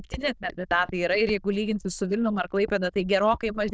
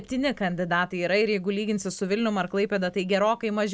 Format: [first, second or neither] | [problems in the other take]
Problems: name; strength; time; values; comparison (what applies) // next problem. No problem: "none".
second | noise reduction (neural diffusion model UNIVERSE++)